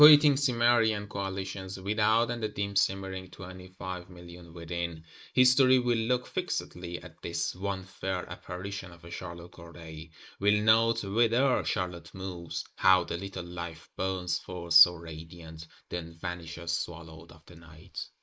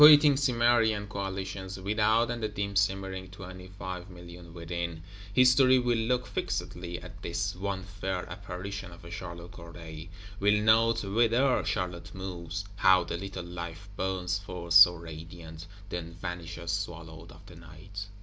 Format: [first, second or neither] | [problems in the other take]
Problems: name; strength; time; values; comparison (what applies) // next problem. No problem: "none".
second | noise reduction (neural mask model Resemble Enhance denoiser)